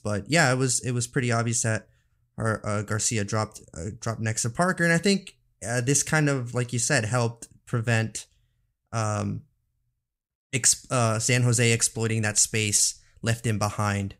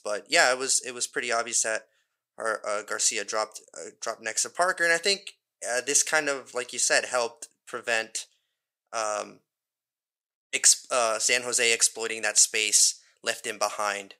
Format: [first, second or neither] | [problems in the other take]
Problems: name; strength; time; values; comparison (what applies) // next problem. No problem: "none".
first | thin; very; fading below 450 Hz